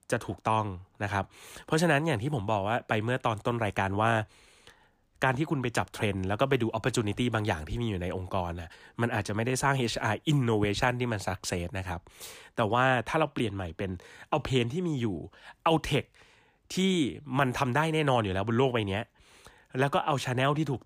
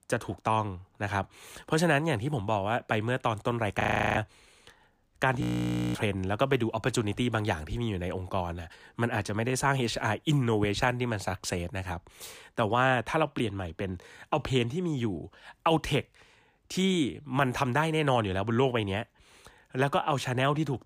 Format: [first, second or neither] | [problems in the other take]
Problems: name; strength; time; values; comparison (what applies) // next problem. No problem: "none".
first | audio freezing; at 4 s and at 5.5 s for 0.5 s